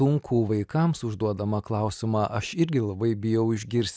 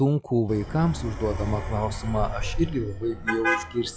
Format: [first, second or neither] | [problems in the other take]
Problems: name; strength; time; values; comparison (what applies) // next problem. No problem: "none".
first | noise reduction (classical method log-MMSE)